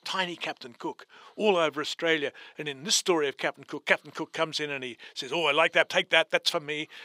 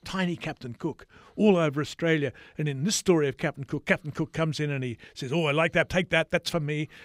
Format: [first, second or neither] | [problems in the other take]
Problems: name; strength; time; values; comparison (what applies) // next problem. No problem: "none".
second | thin; somewhat; fading below 400 Hz